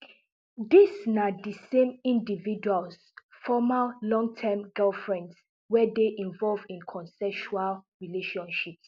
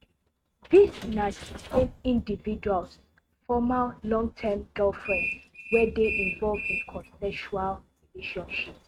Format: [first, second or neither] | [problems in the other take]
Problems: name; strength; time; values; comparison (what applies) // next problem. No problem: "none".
first | noise reduction (neural mask model RNNoise)